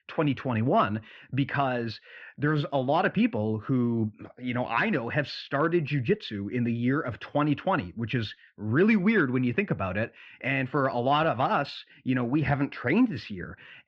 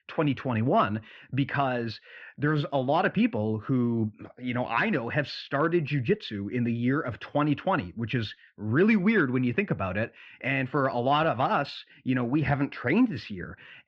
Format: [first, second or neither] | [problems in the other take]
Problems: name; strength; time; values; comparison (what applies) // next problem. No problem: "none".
neither | muffled; very; fading above 2.5 kHz; the same in both